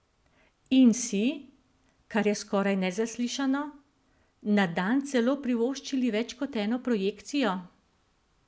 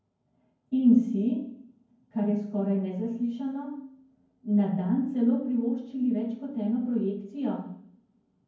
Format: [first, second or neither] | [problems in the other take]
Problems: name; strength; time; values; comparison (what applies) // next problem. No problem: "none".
first | room echo; dies away in 0.9 s